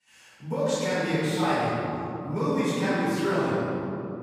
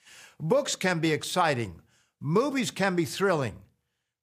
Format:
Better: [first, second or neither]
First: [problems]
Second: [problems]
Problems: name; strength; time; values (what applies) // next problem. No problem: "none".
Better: second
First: off-mic speech; far // room echo; strong; dies away in 3 s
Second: none